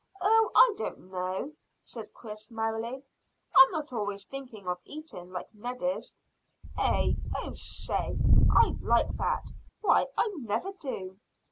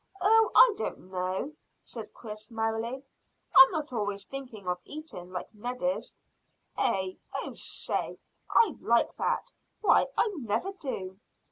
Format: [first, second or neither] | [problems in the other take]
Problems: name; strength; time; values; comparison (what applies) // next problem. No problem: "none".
second | background sound (Wind); 3 dB above the speech